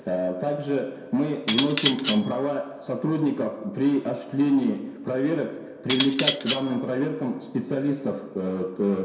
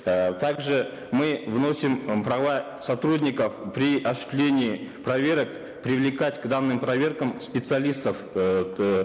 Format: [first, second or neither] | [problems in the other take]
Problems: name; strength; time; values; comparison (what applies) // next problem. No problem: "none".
second | background sound (Cutlery, silverware); 4 dB below the speech // room echo; dies away in 0.7 s